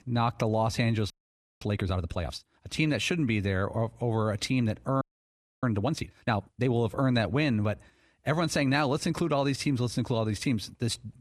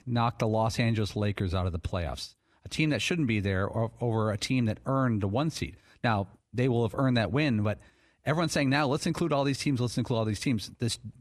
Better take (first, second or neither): second